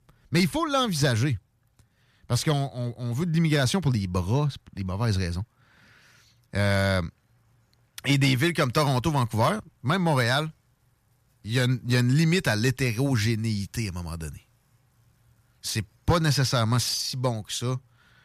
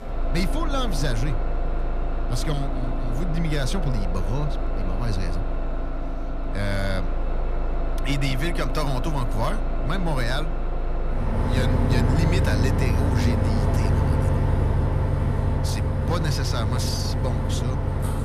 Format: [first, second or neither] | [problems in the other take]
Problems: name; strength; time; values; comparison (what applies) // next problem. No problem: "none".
first | traffic noise; very loud; throughout; 3 dB above the speech